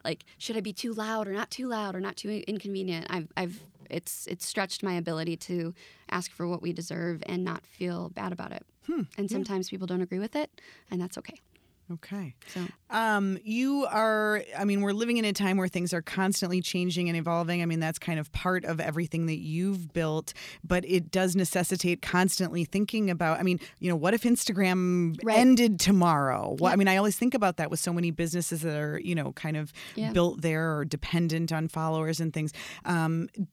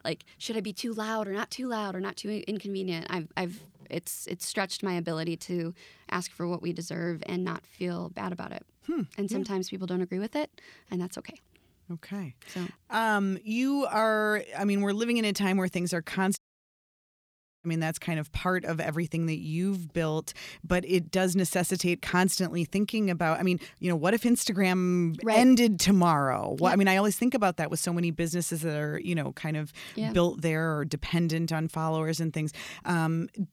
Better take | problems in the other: first | audio cutting out; at 16 s for 1.5 s

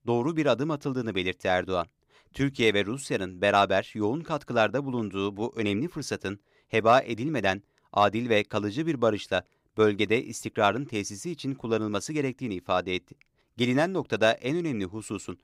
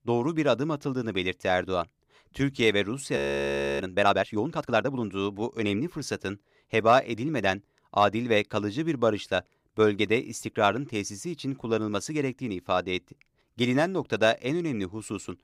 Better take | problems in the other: first | audio freezing; at 3 s for 0.5 s

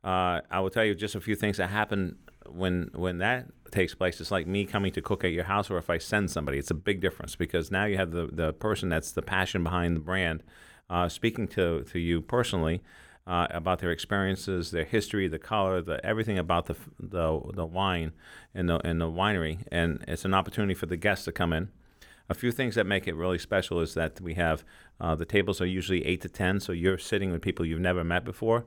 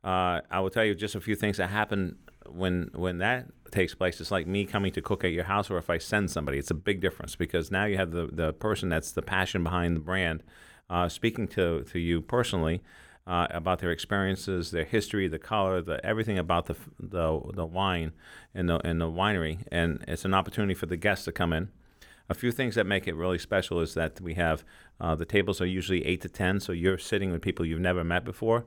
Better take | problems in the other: neither | none

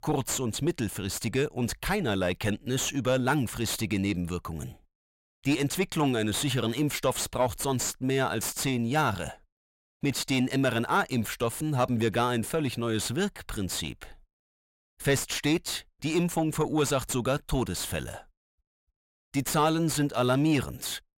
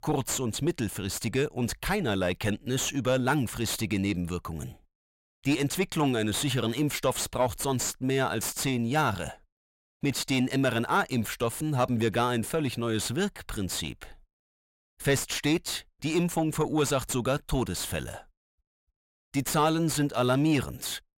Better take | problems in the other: neither | distortion; slight; 10 dB below the speech; the same in both

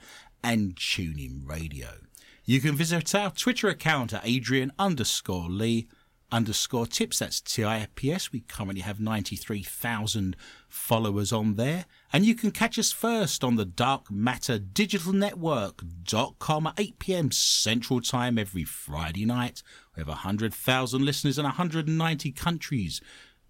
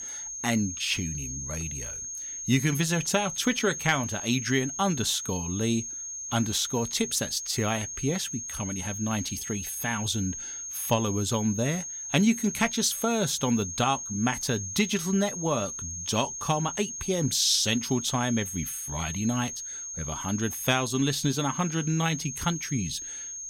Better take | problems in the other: first | high-pitched whine; loud; throughout; 6.5 kHz, 6 dB below the speech

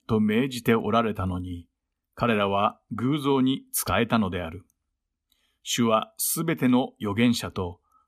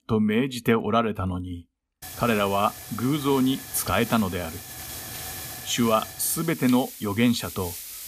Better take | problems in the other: first | hiss; noticeable; from 2 s on; 10 dB below the speech

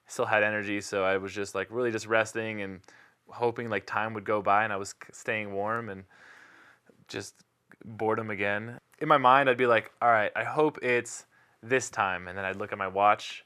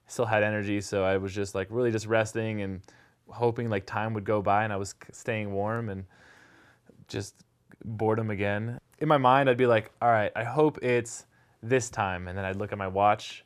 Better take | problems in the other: second | thin; very slightly; fading below 300 Hz

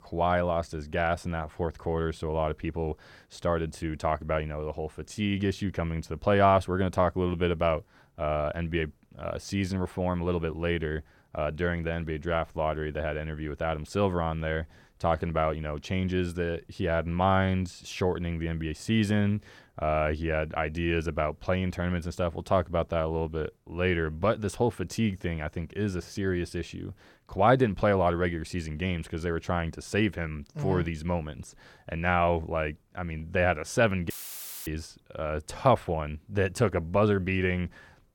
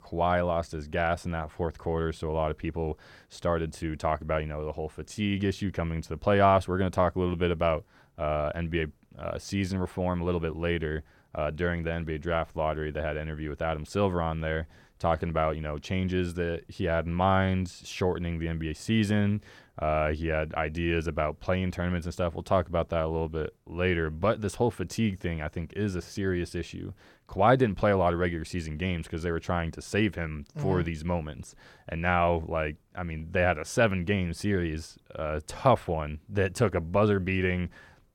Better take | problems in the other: second | audio cutting out; filled with static; at 34 s for 0.5 s

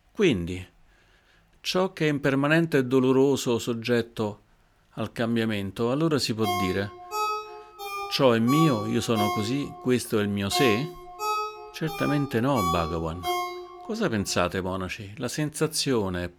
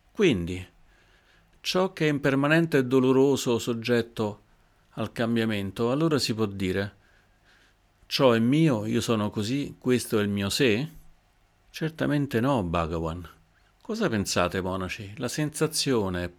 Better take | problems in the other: second | phone ringing; noticeable; from 6.5 to 14 s; peak 2 dB below the speech

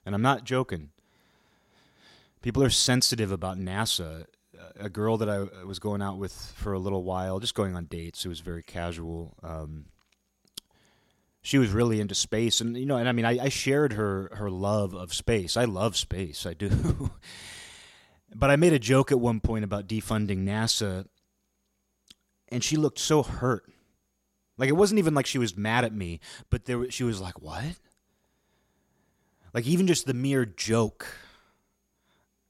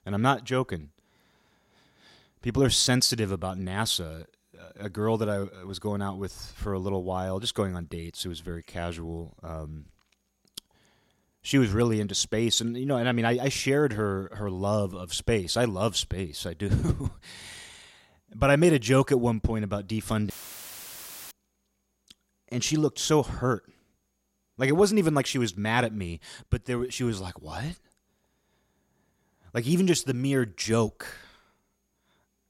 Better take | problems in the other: first | audio cutting out; filled with static; at 20 s for 1 s

